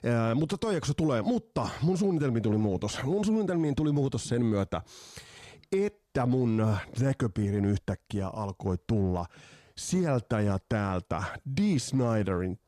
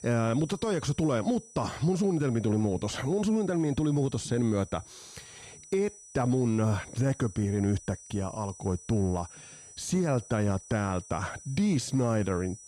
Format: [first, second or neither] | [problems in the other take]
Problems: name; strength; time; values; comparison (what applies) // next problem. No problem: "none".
first | high-pitched whine; noticeable; throughout; 6 kHz, 20 dB below the speech